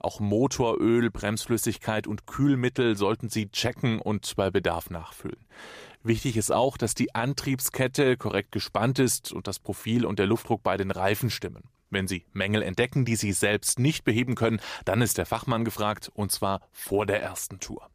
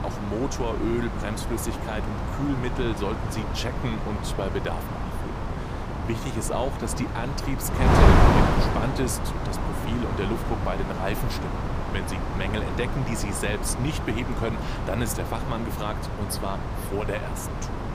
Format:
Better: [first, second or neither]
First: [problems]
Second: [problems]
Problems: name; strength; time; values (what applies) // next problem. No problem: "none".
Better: first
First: none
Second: wind noise on the microphone; heavy; 2 dB above the speech